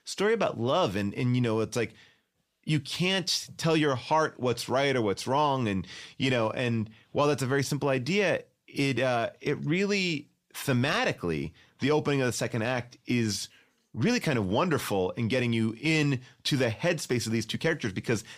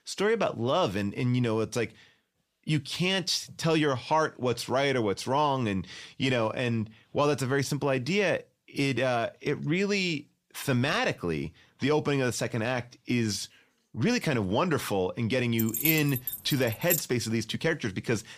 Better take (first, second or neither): first